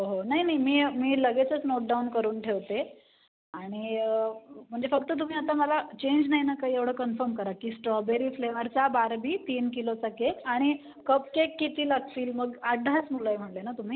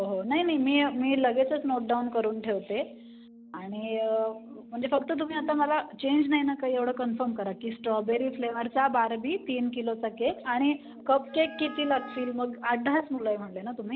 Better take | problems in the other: first | background sound (Wind instrument, woodwind instrument + Brass instrument); 20 dB below the speech

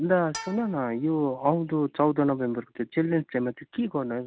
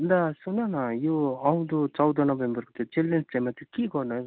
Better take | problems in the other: second | background sound (Bowed string instrument); 17 dB below the speech

